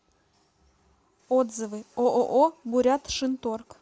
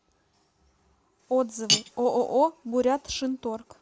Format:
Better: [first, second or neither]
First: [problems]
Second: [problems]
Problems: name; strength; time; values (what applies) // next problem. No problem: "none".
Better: first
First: none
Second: background sound (Cutlery, silverware); 4 dB below the speech